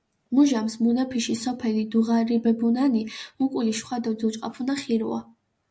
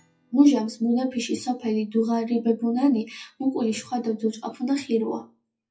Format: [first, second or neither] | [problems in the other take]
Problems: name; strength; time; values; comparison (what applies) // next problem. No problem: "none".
first | noise reduction (classical method WPE with log-MMSE)